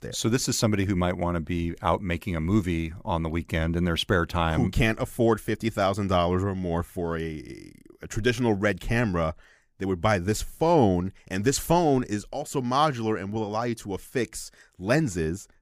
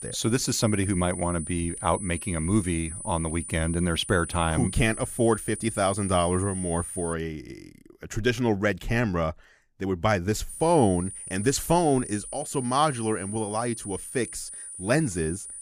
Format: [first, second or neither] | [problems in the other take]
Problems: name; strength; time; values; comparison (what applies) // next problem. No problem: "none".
first | high-pitched whine; loud; until 7 s and from 10 s on; 9.5 kHz, 9 dB below the speech